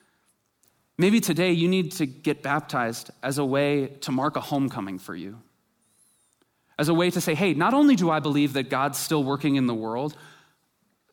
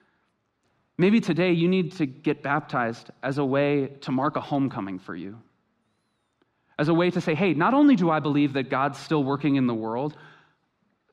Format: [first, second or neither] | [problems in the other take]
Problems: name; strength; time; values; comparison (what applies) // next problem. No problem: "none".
first | muffled; slightly; fading above 3 kHz